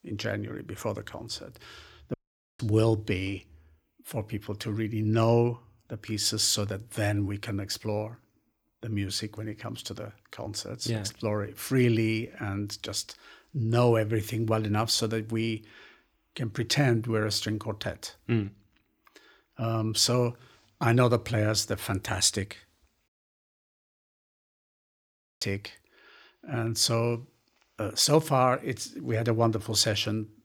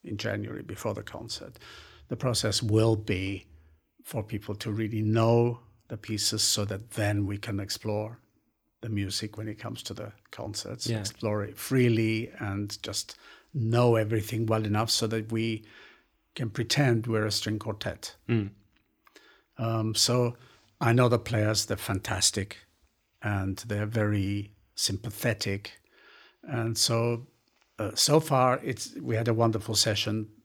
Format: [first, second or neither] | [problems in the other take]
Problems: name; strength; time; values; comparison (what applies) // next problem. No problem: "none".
second | audio cutting out; at 2 s and at 23 s for 2.5 s